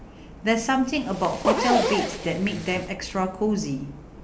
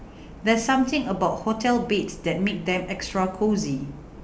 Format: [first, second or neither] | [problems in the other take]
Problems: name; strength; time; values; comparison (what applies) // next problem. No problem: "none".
second | background sound (Zipper (clothing)); 1 dB below the speech